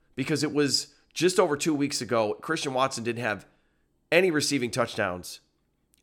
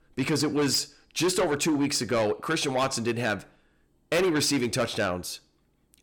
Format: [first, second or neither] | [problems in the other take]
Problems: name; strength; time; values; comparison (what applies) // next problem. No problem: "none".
first | distortion; heavy; 7 dB below the speech